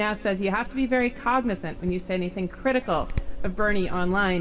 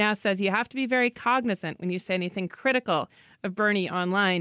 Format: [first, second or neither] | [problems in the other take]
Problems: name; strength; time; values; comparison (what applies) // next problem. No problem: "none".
second | background sound (Cricket); 5 dB below the speech // room echo; dies away in 1.4 s